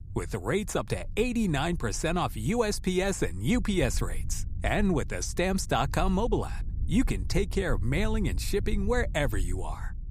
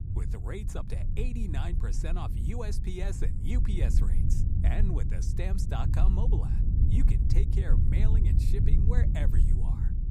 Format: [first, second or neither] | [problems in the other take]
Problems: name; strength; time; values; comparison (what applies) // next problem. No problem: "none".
first | low rumble; loud; throughout; 2 dB below the speech; faint in the first